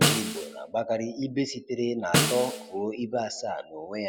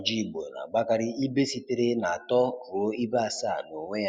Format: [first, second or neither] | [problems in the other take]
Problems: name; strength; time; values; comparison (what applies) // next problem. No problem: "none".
second | background sound (Snare drum); as loud as the speech